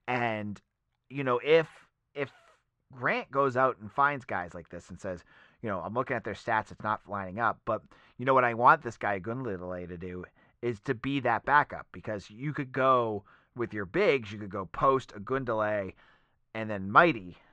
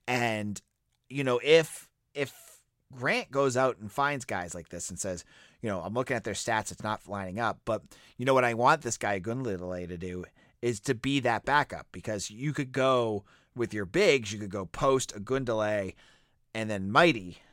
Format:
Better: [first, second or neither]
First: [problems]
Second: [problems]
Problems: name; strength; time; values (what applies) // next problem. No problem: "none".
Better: second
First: muffled; very; fading above 2.5 kHz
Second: none